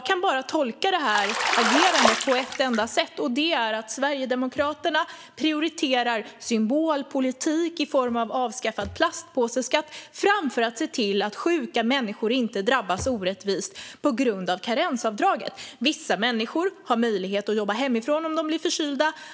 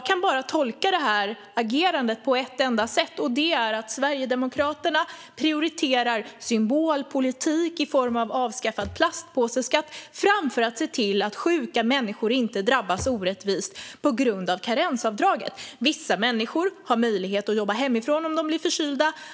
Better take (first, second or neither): second